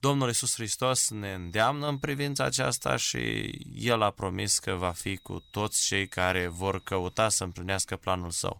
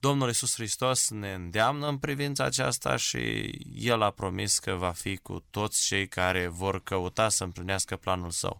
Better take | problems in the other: second | high-pitched whine; faint; from 1 to 3.5 s and from 4.5 to 7 s; 4 kHz, 30 dB below the speech

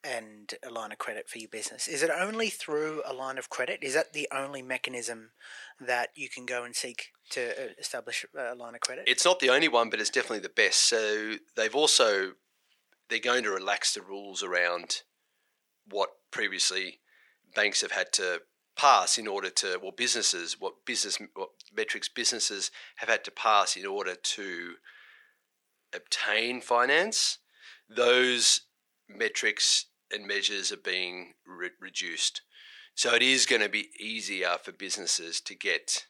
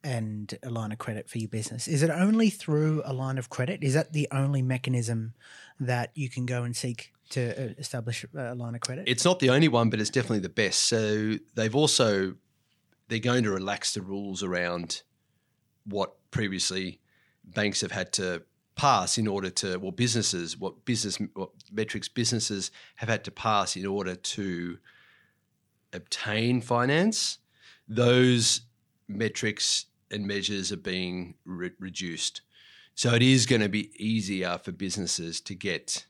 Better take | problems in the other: second | thin; very; fading below 450 Hz

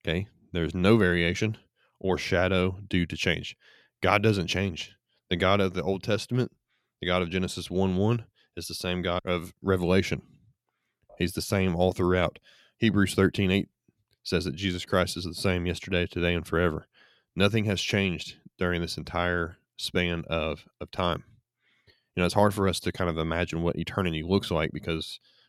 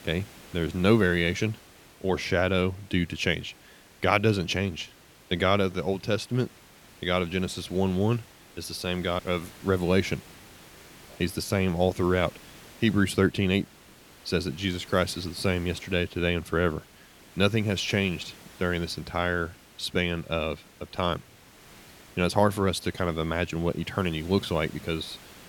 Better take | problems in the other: first | hiss; faint; throughout; 20 dB below the speech

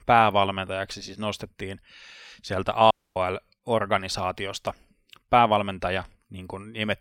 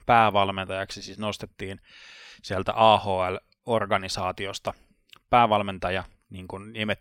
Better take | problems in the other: second | audio cutting out; at 3 s

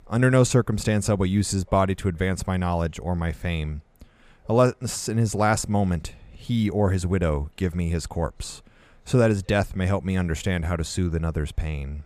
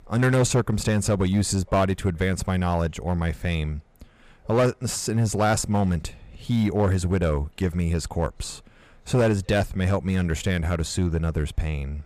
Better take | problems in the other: first | distortion; slight; 5% of the sound clipped

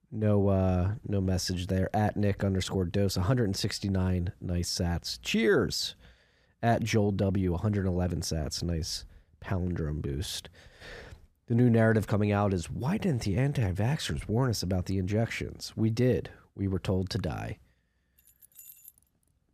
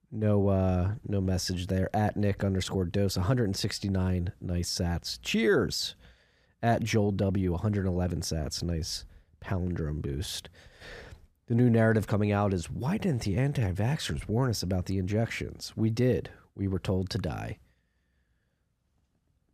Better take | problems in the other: second | jangling keys; faint; at 18 s; peak 20 dB below the speech

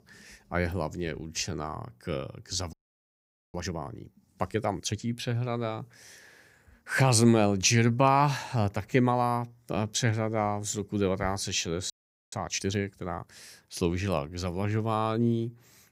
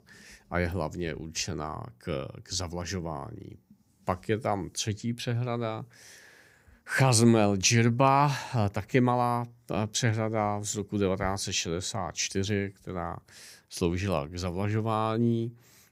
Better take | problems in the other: second | audio freezing; at 2.5 s for 1 s and at 12 s

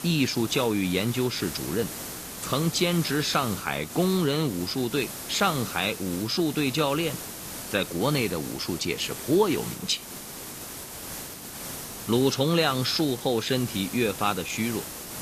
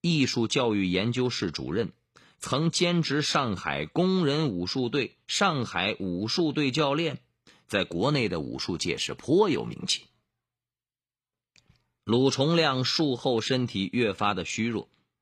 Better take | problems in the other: second | hiss; loud; throughout; 10 dB below the speech

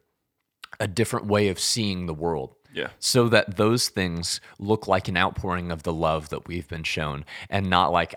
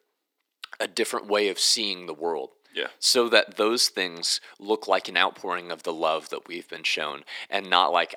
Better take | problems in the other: first | thin; somewhat; fading below 300 Hz

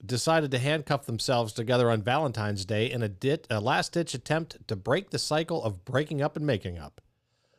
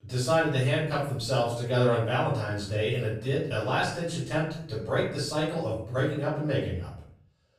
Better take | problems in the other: first | off-mic speech; far // room echo; noticeable; dies away in 0.6 s

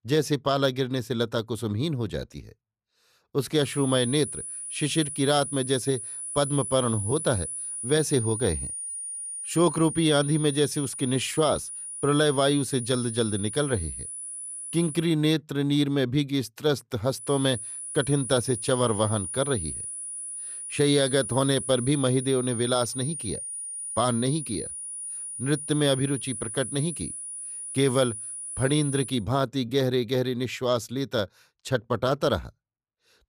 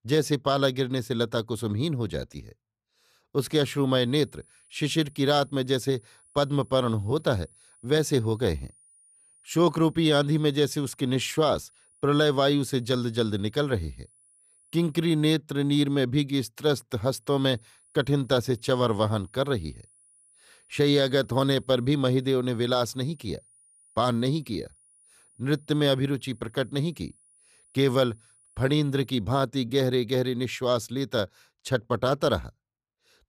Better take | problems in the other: second | high-pitched whine; loud; from 3.5 to 15 s and from 17 to 29 s; 9.5 kHz, 7 dB below the speech; faint in the second

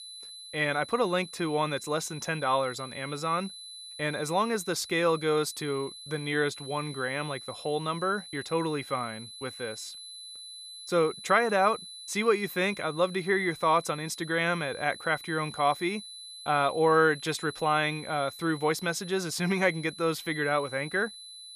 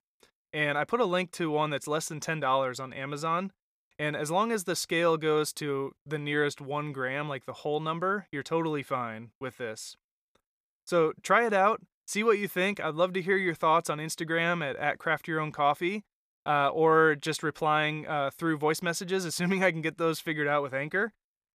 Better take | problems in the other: second | high-pitched whine; noticeable; throughout; 4 kHz, 15 dB below the speech

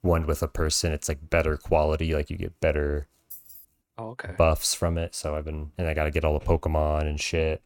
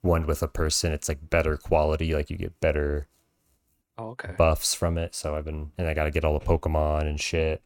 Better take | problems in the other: second | jangling keys; faint; at 3.5 s; peak 15 dB below the speech

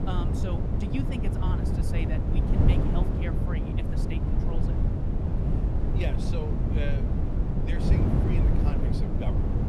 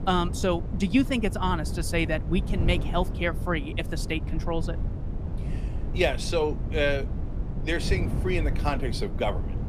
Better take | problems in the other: second | wind noise on the microphone; heavy; 4 dB above the speech; occasional gusts in the second

